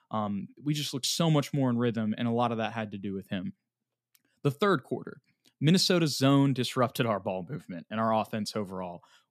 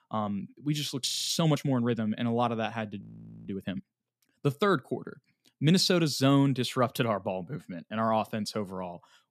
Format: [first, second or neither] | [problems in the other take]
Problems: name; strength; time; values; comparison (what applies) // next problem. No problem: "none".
first | audio freezing; at 1 s and at 3 s